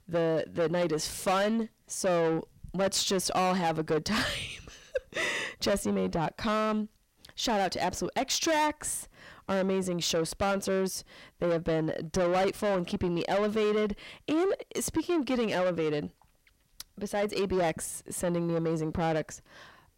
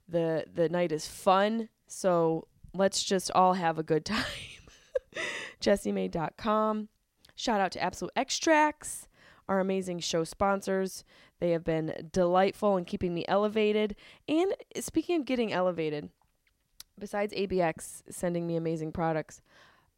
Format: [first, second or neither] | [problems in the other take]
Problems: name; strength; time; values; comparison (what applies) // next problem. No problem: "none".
second | distortion; heavy; 7 dB below the speech